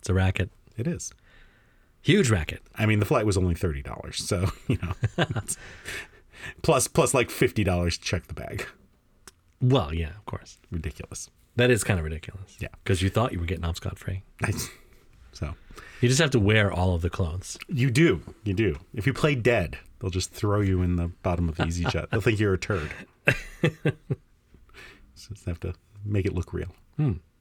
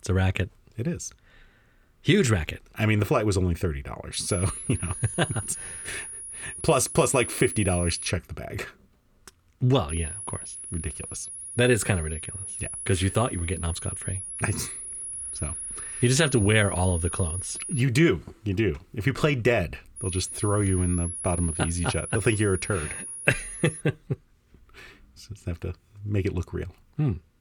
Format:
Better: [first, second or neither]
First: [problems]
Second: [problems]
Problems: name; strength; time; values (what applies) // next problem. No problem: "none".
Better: first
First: none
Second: high-pitched whine; loud; from 4 to 8 s, from 10 to 18 s and from 20 to 24 s; 10.5 kHz, 7 dB below the speech